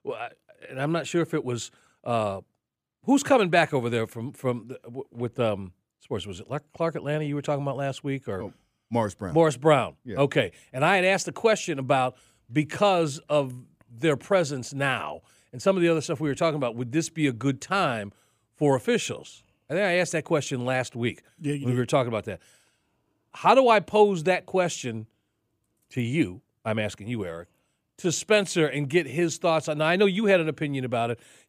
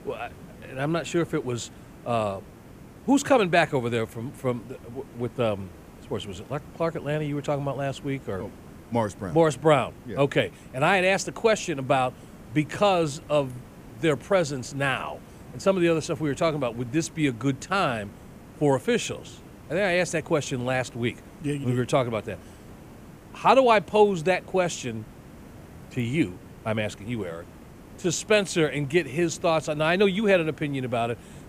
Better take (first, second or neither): first